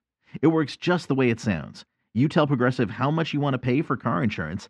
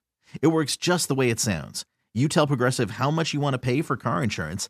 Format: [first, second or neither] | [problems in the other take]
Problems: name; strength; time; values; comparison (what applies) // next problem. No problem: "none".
second | muffled; slightly; fading above 2.5 kHz